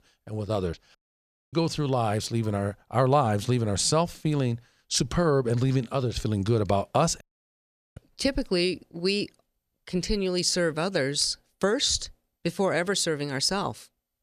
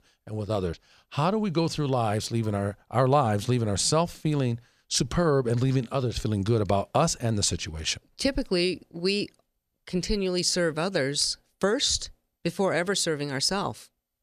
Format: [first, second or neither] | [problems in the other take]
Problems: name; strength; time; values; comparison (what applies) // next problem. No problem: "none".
second | audio cutting out; at 1 s for 0.5 s and at 7 s for 1 s